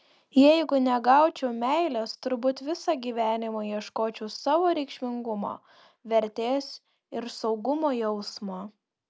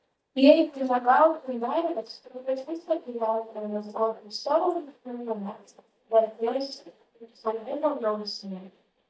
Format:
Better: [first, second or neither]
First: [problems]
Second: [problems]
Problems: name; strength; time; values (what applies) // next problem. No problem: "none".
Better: first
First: none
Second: noise reduction (neural mask model DeepFilterNet 3)